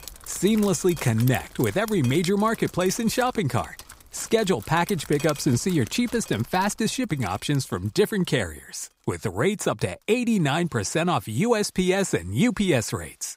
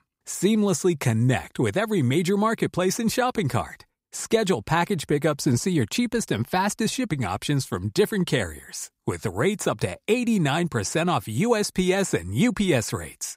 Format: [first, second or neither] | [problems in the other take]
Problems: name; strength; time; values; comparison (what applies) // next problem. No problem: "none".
second | rain or running water; noticeable; throughout; 15 dB below the speech